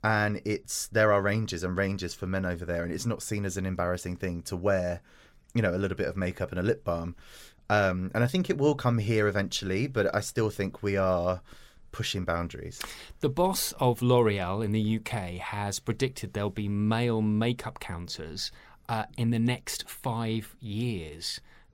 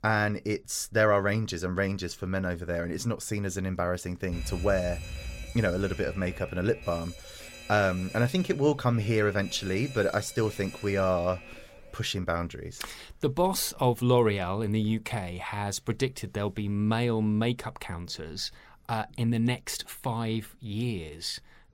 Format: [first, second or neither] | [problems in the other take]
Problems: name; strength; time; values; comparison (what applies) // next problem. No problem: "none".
first | alarm; noticeable; from 4.5 to 12 s; peak 7 dB below the speech